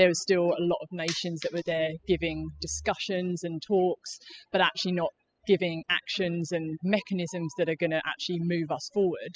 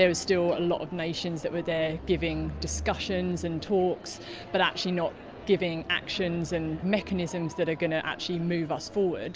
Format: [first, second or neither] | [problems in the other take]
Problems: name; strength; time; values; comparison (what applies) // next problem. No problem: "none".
second | noise reduction (classical method spectral subtraction)